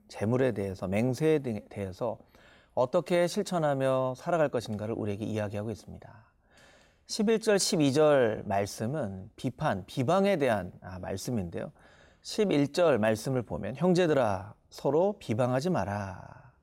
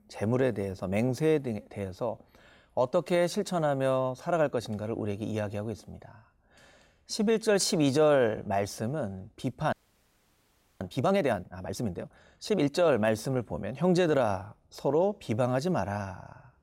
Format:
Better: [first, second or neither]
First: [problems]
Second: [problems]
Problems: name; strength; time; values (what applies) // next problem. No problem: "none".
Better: first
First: none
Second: audio freezing; at 9.5 s for 1 s